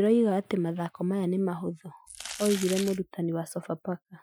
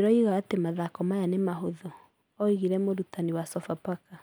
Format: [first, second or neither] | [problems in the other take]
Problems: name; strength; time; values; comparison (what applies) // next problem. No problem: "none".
second | noise reduction (classical method Wiener filter)